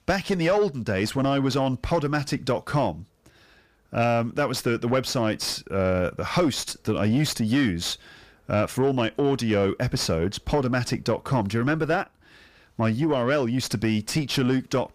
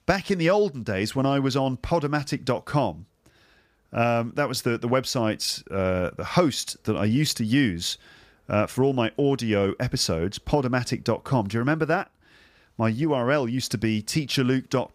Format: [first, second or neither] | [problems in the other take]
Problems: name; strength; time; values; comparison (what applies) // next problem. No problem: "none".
second | distortion; slight; 10 dB below the speech